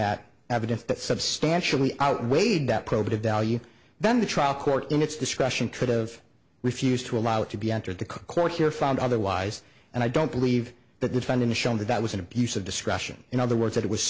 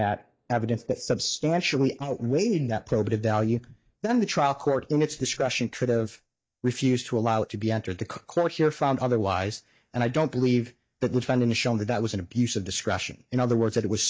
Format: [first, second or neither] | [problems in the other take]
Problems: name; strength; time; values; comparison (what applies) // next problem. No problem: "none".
first | noise reduction (neural mask model DeepFilterNet 3)